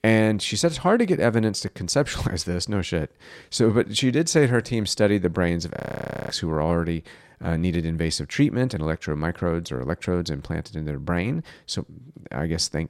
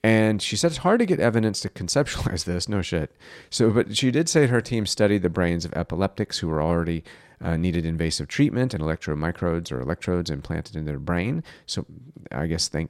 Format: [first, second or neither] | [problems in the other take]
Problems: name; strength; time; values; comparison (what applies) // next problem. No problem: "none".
second | audio freezing; at 6 s for 0.5 s